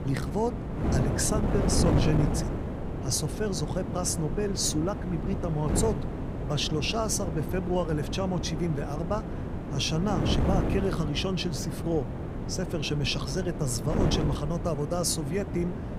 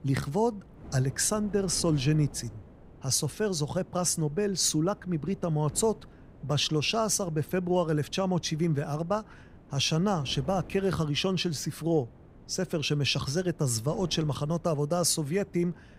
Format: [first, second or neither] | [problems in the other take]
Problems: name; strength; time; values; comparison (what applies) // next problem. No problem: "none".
second | wind noise on the microphone; heavy; 5 dB below the speech; occasional gusts in the second